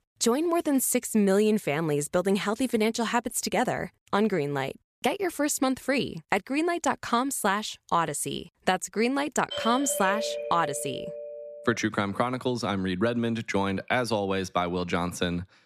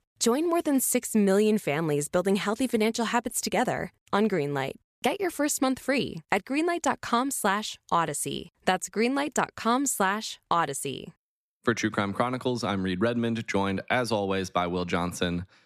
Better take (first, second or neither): second